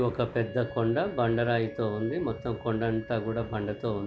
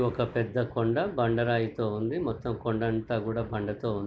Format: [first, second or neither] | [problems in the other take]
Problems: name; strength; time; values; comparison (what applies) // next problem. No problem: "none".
second | background sound (Wind instrument, woodwind instrument); 17 dB below the speech